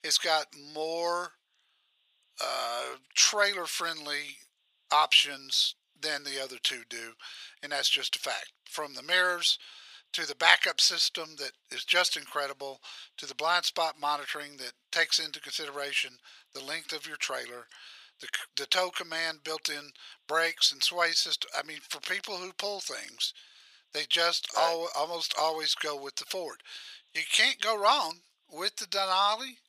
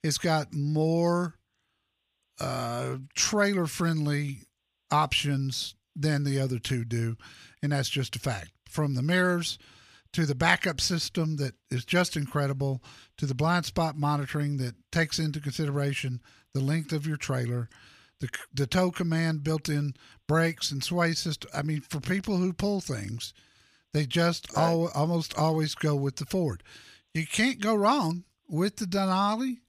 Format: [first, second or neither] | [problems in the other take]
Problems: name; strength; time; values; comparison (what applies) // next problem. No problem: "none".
second | thin; very; fading below 550 Hz